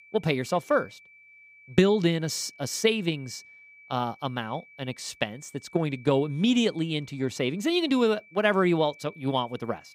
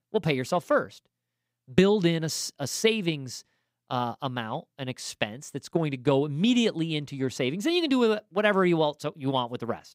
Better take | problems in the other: second | high-pitched whine; faint; throughout; 2.5 kHz, 25 dB below the speech

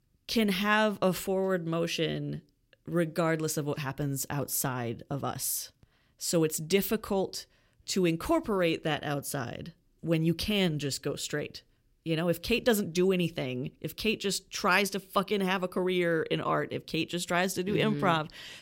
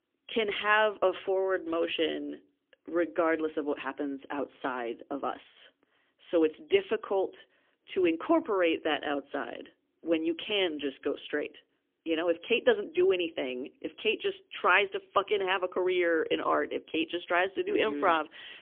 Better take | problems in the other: first | phone-call audio; poor line; nothing above 3.5 kHz

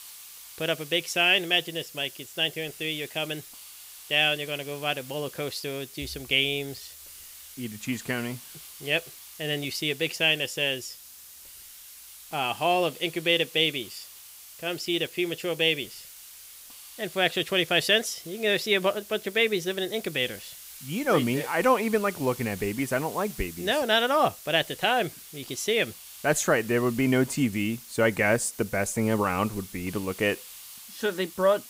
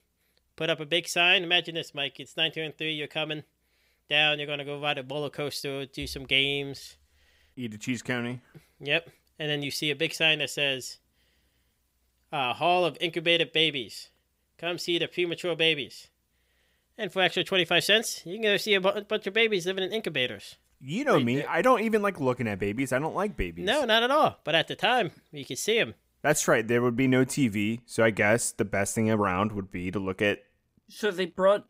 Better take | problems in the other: second | hiss; noticeable; throughout; 15 dB below the speech

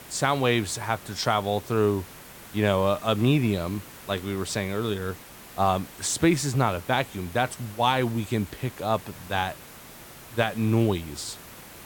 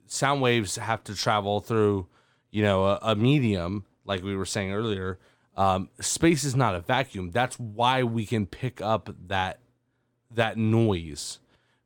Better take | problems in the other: second | hiss; noticeable; throughout; 15 dB below the speech

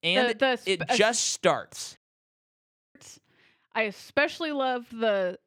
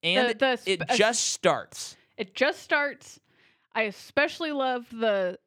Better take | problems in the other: second | audio cutting out; at 2 s for 1 s

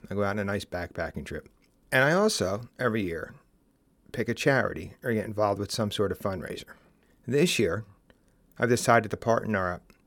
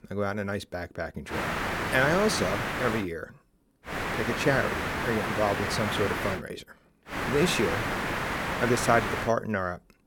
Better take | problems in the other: first | hiss; loud; from 1.5 to 3 s, from 4 to 6.5 s and from 7 to 9.5 s; 2 dB below the speech

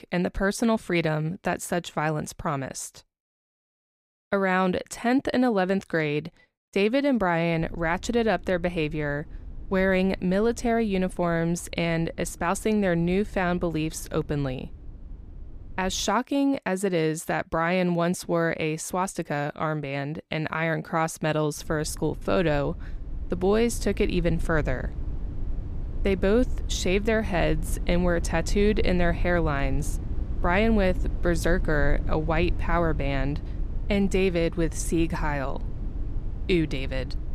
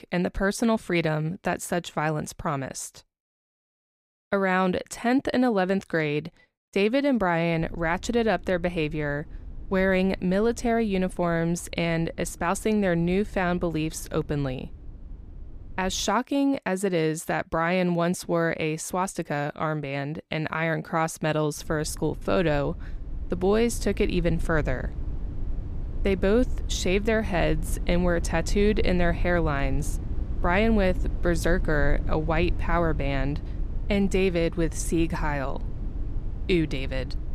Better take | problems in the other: neither | low rumble; faint; from 7.5 to 16 s and from 22 s on; 20 dB below the speech; the same in both

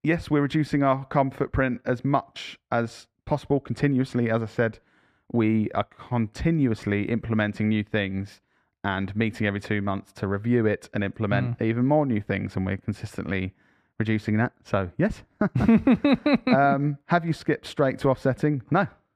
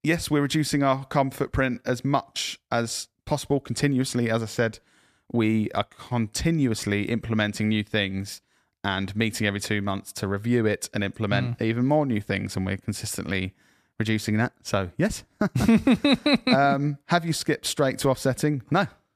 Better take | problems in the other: second | muffled; slightly; fading above 4 kHz

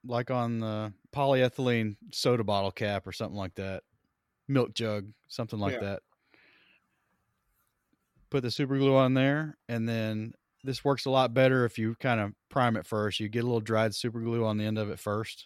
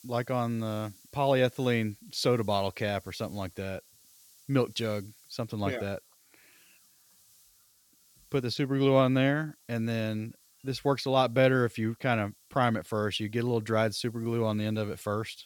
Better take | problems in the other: first | hiss; faint; throughout; 25 dB below the speech

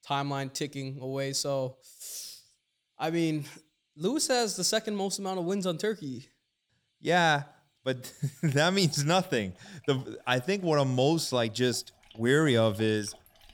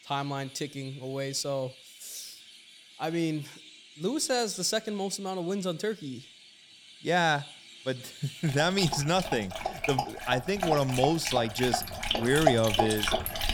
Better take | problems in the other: first | animal sounds; loud; throughout; 2 dB below the speech; faint in the first

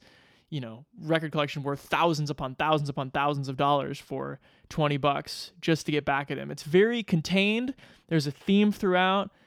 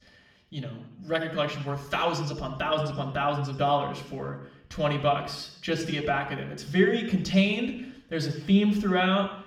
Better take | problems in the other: first | room echo; slight; dies away in 0.7 s // off-mic speech; somewhat distant

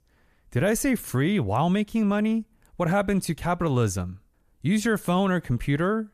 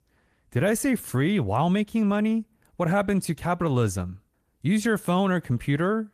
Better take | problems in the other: first | garbled, watery; slightly; nothing above 14.5 kHz

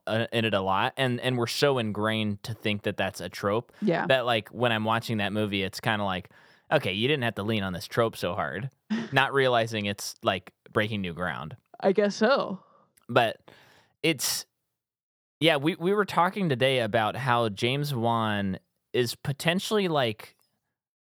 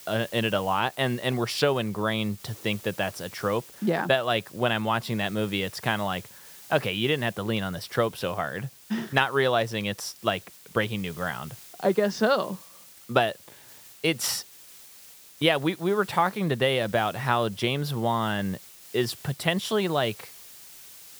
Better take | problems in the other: first | hiss; noticeable; throughout; 20 dB below the speech

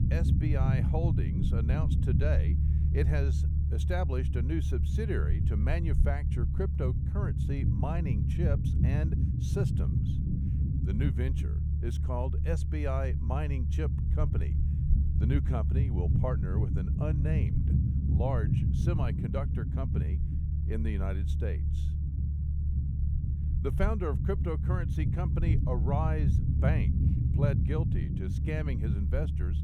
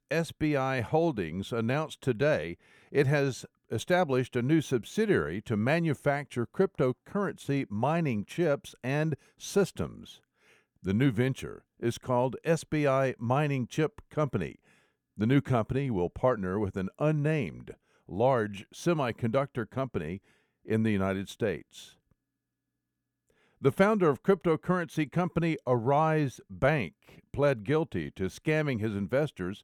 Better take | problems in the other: second | low rumble; loud; throughout; 3 dB below the speech

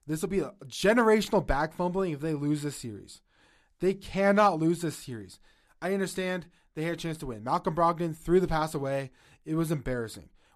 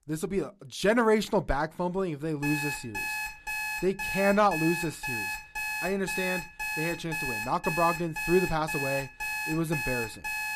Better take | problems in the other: first | alarm; noticeable; from 2.5 s on; peak 2 dB below the speech

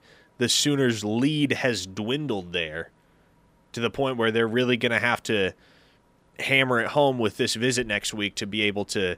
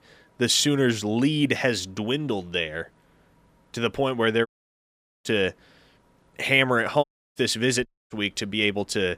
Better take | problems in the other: first | audio cutting out; at 4.5 s for 1 s, at 7 s and at 8 s

